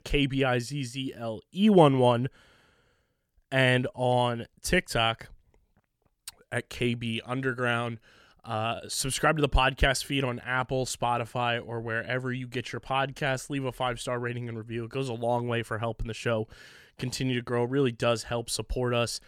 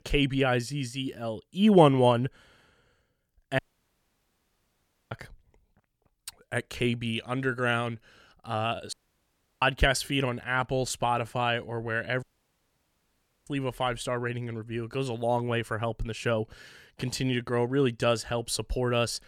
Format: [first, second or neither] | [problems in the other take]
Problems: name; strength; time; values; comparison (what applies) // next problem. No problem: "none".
first | audio cutting out; at 3.5 s for 1.5 s, at 9 s for 0.5 s and at 12 s for 1 s